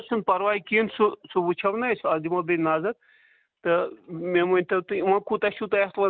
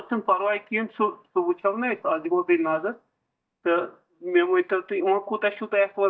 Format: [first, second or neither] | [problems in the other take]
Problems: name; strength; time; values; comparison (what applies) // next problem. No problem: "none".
first | noise reduction (neural mask model DeepFilterNet 3)